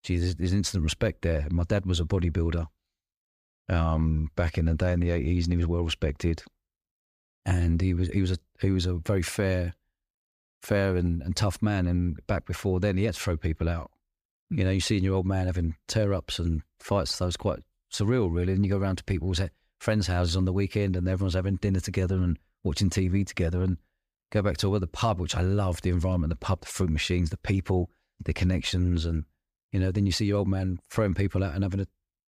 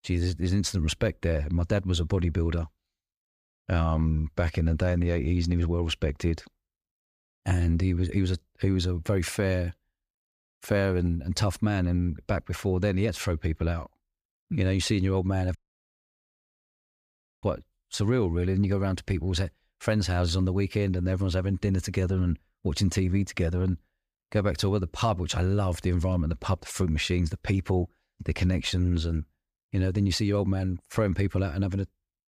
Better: first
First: none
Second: audio cutting out; at 16 s for 2 s

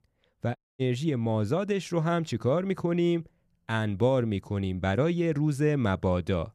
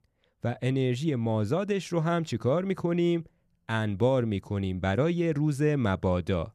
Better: second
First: audio cutting out; at 0.5 s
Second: none

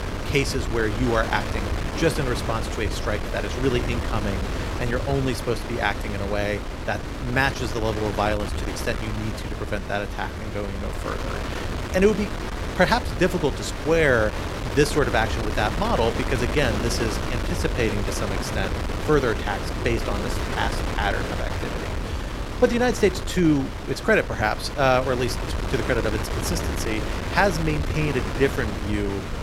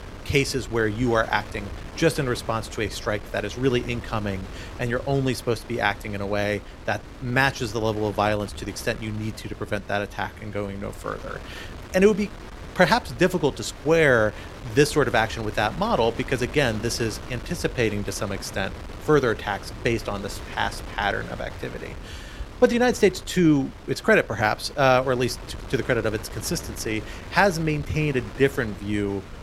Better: second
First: wind noise on the microphone; heavy; 6 dB below the speech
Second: wind noise on the microphone; occasional gusts; 15 dB below the speech

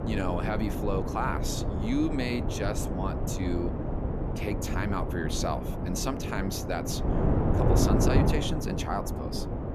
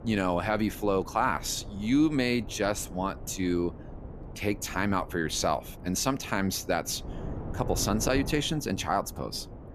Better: second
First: wind noise on the microphone; heavy; 1 dB below the speech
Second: wind noise on the microphone; occasional gusts; 15 dB below the speech

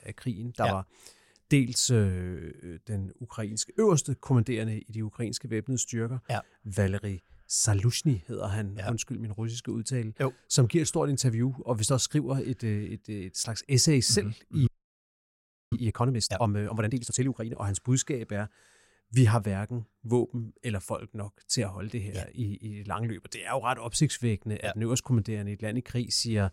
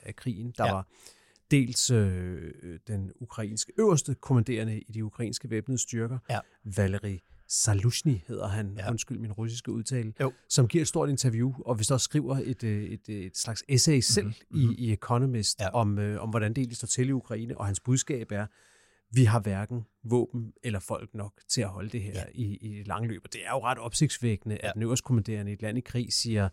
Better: second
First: audio freezing; at 15 s for 1 s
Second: none

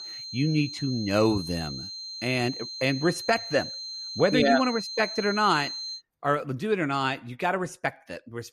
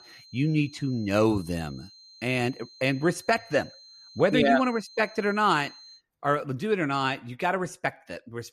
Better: second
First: high-pitched whine; loud; until 6 s; 4 kHz, 8 dB below the speech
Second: high-pitched whine; faint; until 6 s; 4 kHz, 20 dB below the speech

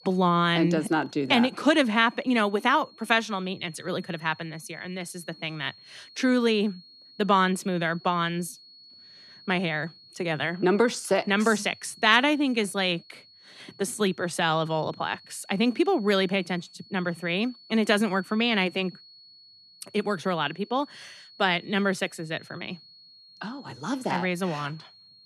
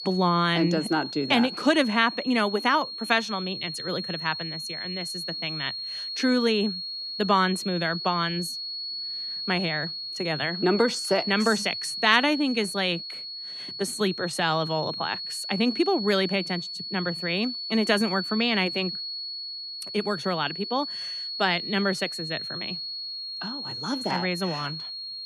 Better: first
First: high-pitched whine; faint; throughout; 4.5 kHz, 25 dB below the speech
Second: high-pitched whine; loud; throughout; 4.5 kHz, 6 dB below the speech

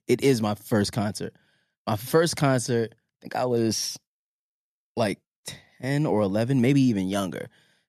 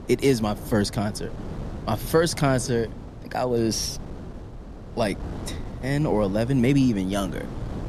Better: first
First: none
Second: wind noise on the microphone; occasional gusts; 15 dB below the speech

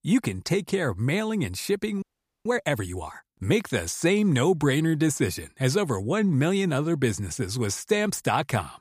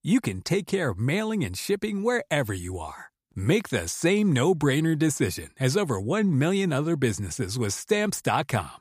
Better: second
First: audio freezing; at 2 s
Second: none

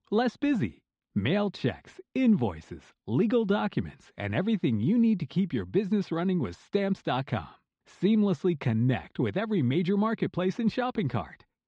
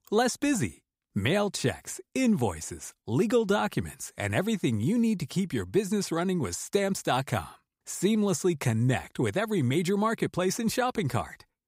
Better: second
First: muffled; slightly; fading above 3.5 kHz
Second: none

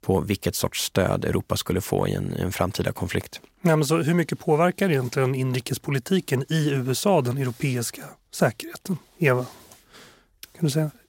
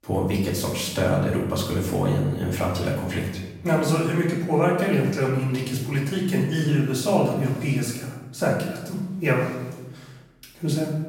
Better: first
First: none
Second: off-mic speech; far // room echo; noticeable; dies away in 0.9 s

